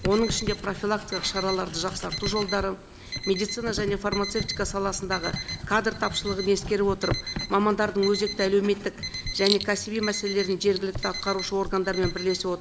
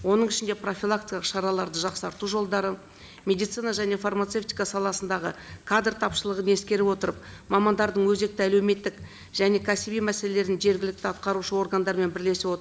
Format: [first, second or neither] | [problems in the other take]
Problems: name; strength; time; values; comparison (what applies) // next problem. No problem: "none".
second | background sound (Writing + Alarm); 7 dB below the speech